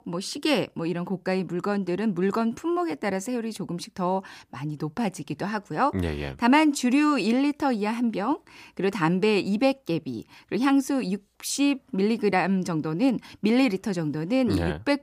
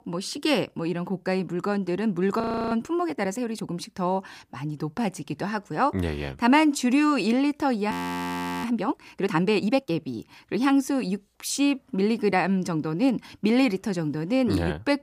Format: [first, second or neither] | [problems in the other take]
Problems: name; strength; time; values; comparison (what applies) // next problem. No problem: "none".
first | audio freezing; at 2.5 s and at 8 s for 0.5 s